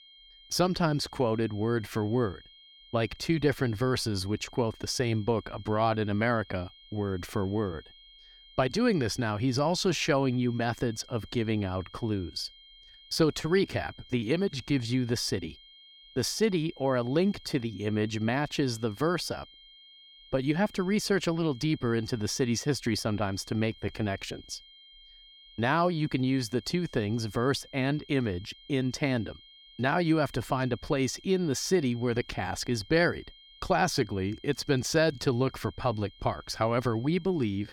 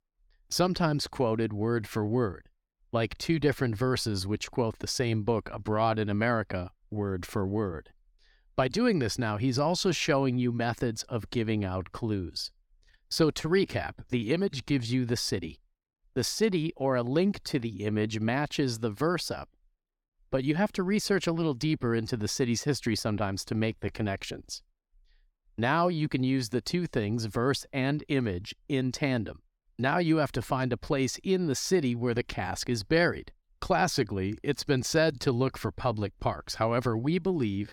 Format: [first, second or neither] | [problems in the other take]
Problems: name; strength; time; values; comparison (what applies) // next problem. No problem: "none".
second | high-pitched whine; faint; throughout; 3 kHz, 25 dB below the speech